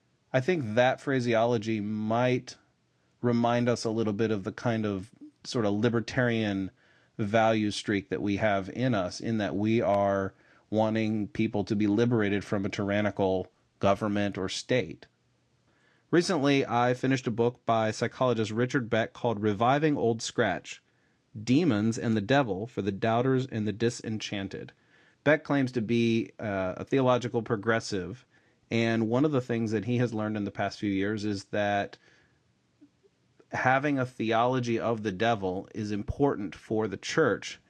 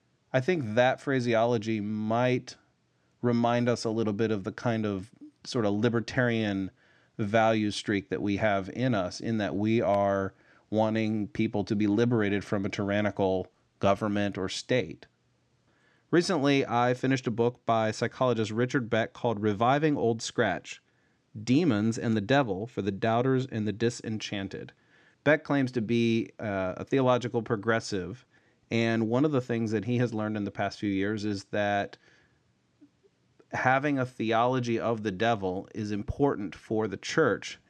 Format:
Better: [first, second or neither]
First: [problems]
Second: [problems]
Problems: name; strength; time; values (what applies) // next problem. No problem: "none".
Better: second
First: garbled, watery; slightly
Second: none